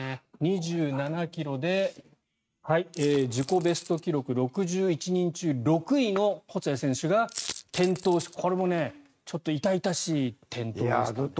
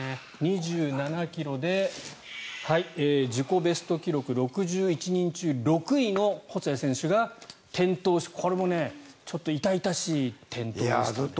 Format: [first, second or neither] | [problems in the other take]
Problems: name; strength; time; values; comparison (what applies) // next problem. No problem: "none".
second | noise reduction (neural mask model RNNoise)